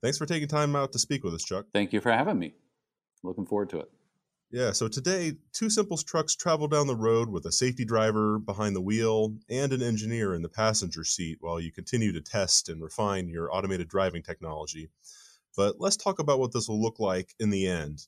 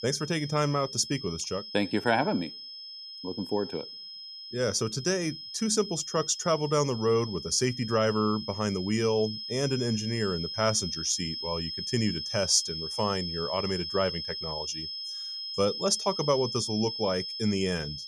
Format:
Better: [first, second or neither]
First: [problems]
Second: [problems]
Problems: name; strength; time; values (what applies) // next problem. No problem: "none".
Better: first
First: none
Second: high-pitched whine; loud; throughout; 5 kHz, 7 dB below the speech